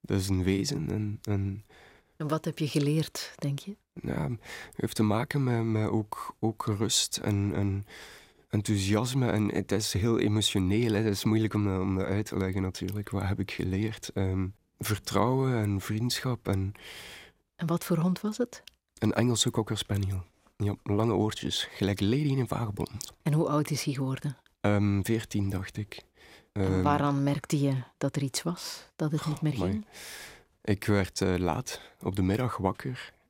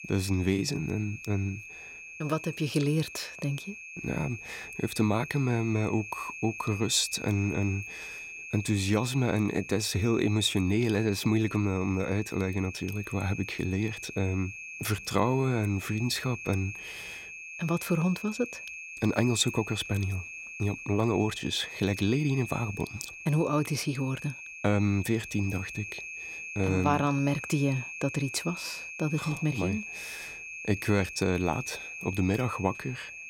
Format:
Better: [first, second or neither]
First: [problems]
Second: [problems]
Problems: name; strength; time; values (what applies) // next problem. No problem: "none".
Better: first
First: none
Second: high-pitched whine; loud; throughout; 2.5 kHz, 10 dB below the speech